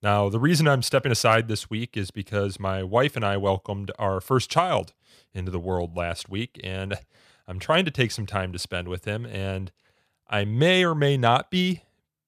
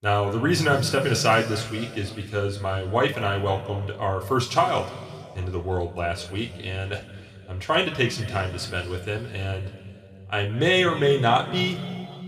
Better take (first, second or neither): first